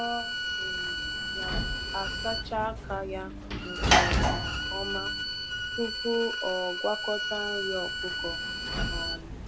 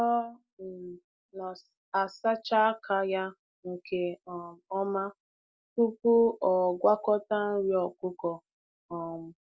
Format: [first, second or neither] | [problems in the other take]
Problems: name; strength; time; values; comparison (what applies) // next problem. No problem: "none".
second | background sound (Bowed string instrument + Sliding door / Slam); 5 dB above the speech